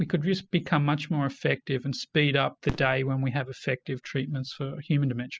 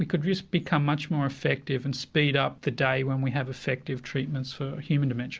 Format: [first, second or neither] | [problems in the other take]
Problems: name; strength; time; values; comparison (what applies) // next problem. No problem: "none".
second | noise reduction (classical method spectral subtraction)